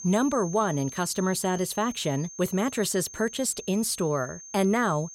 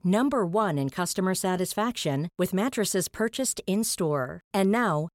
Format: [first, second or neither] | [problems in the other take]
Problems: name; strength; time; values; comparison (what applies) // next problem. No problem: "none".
second | high-pitched whine; noticeable; throughout; 6.5 kHz, 15 dB below the speech